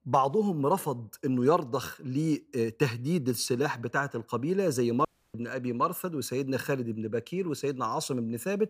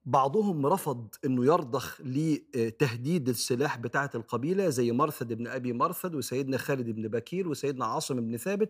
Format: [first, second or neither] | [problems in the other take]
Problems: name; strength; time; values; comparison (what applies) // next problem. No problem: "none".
second | audio cutting out; at 5 s